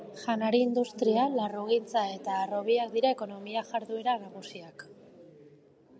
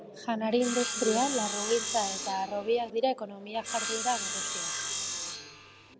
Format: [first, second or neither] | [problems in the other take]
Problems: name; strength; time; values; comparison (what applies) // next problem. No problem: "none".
first | background sound (Sawing); 3 dB below the speech